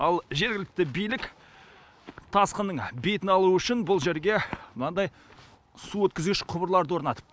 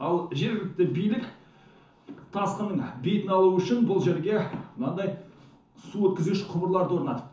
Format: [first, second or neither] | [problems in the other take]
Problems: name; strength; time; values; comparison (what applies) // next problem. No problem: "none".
first | room echo; dies away in 0.9 s